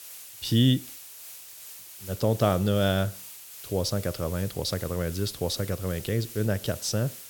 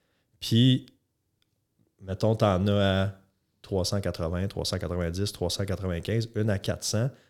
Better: second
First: hiss; noticeable; throughout; 15 dB below the speech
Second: none

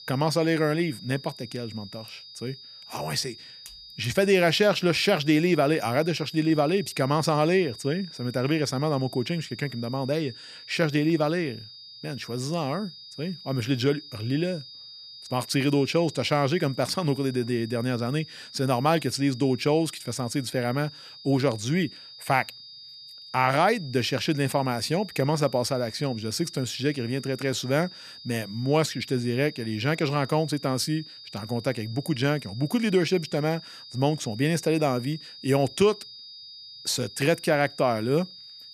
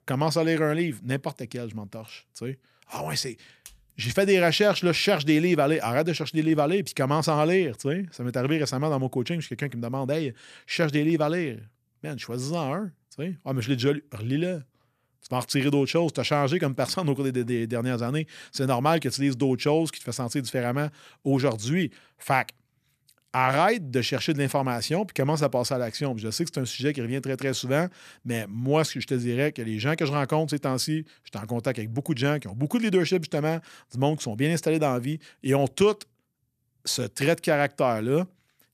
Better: second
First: high-pitched whine; noticeable; throughout; 5 kHz, 15 dB below the speech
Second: none

